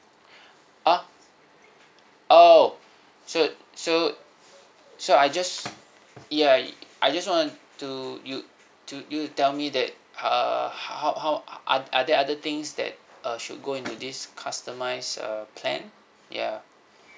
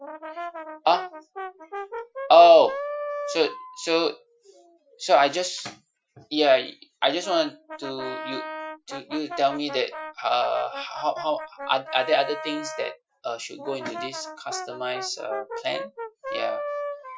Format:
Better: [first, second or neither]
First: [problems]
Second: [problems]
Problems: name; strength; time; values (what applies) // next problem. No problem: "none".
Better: first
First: none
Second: noise reduction (classical method Wiener filter)